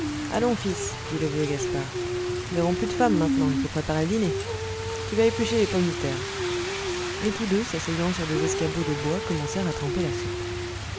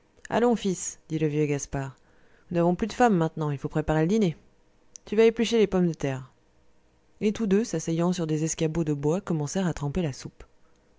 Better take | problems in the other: second | background sound (Rain); 2 dB below the speech

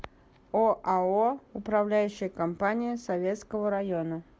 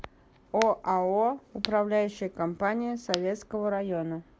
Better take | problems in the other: first | background sound (Crack); 13 dB below the speech

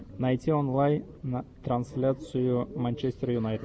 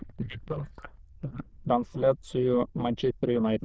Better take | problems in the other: first | noise reduction (neural diffusion model UNIVERSE++)

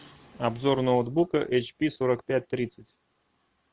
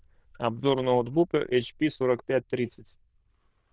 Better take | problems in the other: first | noise reduction (neural diffusion model UNIVERSE++)

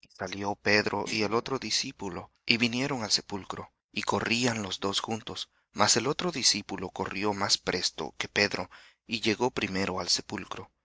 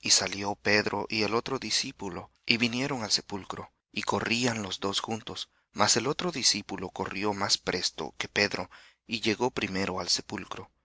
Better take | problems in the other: second | noise reduction (neural mask model DeepFilterNet 3)

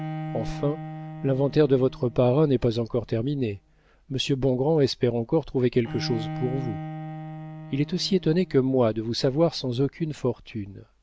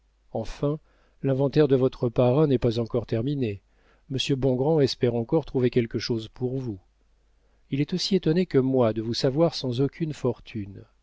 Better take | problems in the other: second | background sound (Bowed string instrument); 13 dB below the speech

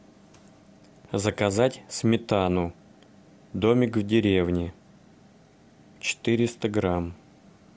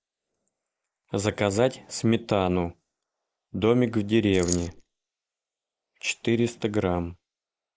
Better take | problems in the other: first | noise reduction (neural mask model Resemble Enhance denoiser)

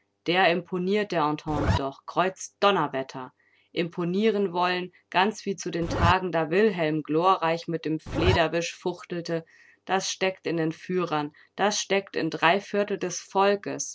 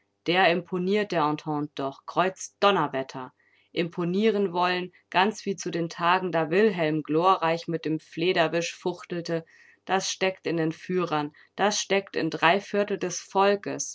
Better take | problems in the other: second | background sound (Zipper (clothing)); 1 dB above the speech

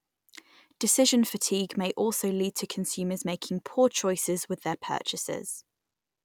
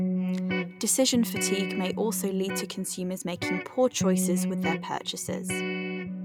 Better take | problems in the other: first | background sound (Electric guitar); 1 dB below the speech

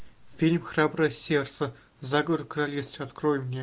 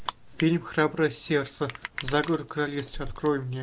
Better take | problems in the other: first | background sound (Crushing); 13 dB below the speech

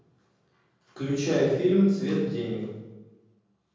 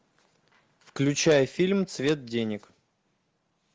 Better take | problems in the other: second | room echo; dies away in 1.3 s

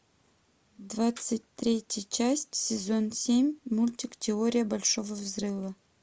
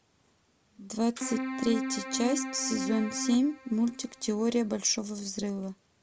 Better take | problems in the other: first | background sound (Keyboard (musical)); 6 dB below the speech

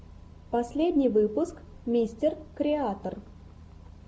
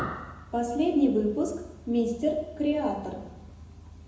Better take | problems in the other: first | room echo; dies away in 0.9 s

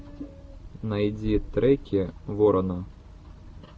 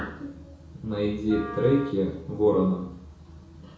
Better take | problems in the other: first | background sound (Wind instrument, woodwind instrument); 17 dB below the speech // room echo; dies away in 0.5 s

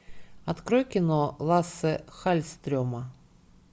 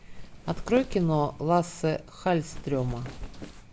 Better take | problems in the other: first | background sound (Wind); 12 dB below the speech

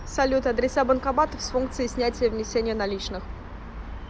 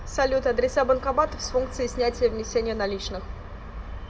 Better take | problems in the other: first | room echo; dies away in 0.7 s

